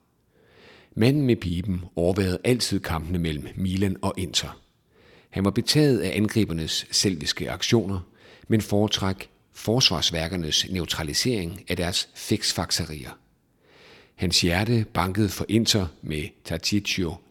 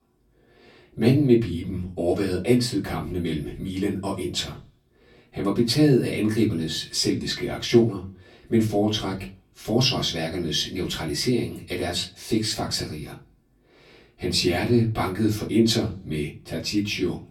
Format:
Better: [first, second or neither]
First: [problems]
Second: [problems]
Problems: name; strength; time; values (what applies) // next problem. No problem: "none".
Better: first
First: none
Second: off-mic speech; far // room echo; very slight; dies away in 0.3 s